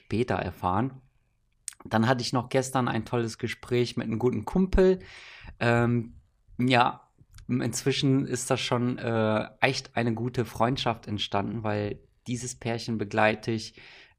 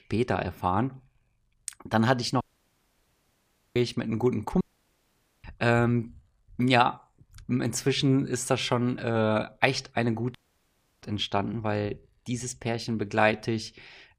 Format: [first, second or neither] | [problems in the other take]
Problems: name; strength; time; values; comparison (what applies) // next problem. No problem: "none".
first | audio cutting out; at 2.5 s for 1.5 s, at 4.5 s for 1 s and at 10 s for 0.5 s